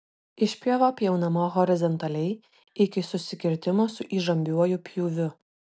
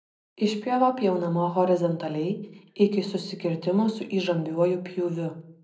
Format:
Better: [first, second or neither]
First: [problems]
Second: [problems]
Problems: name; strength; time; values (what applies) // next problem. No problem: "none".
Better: first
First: none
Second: room echo; dies away in 0.5 s